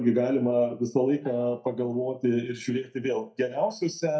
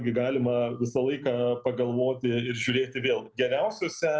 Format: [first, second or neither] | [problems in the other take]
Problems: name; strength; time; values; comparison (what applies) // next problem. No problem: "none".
second | noise reduction (neural mask model DeepFilterNet 3)